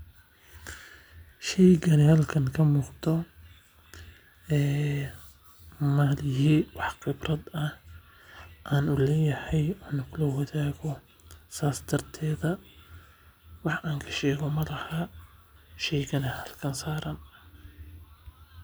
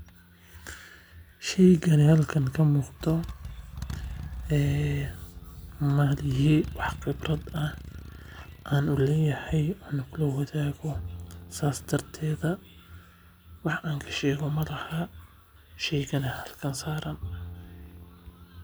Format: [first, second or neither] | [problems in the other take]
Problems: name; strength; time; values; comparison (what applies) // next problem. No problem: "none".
first | background sound (Motorcycle + Bowed string instrument); 15 dB below the speech